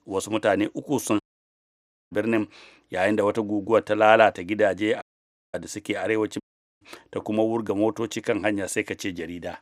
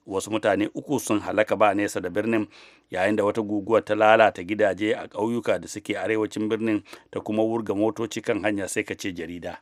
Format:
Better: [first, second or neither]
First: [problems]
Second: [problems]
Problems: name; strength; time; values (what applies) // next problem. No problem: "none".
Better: second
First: audio cutting out; at 1 s for 1 s, at 5 s for 0.5 s and at 6.5 s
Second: none